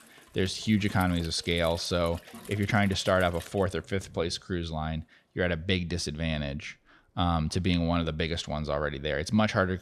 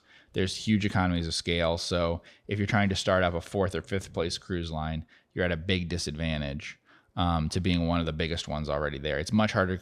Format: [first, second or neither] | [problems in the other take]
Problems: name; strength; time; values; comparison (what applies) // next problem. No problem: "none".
second | household noises; noticeable; throughout; 20 dB below the speech